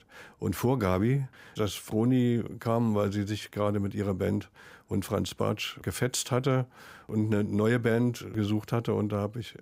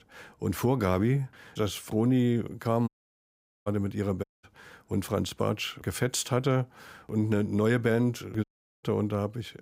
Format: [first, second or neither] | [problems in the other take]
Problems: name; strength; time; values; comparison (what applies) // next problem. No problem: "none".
first | audio cutting out; at 3 s for 1 s, at 4 s and at 8.5 s